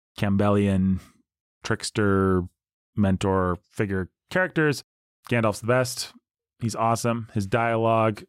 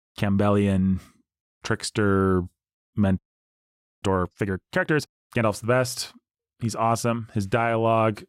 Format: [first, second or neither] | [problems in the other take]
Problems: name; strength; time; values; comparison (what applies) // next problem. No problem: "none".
first | audio freezing; at 3 s for 1 s